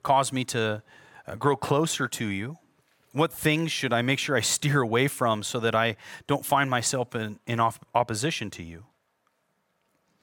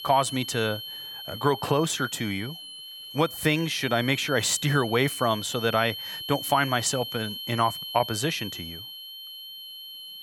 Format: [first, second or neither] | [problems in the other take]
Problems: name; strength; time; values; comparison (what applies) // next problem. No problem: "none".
first | high-pitched whine; loud; throughout; 3 kHz, 9 dB below the speech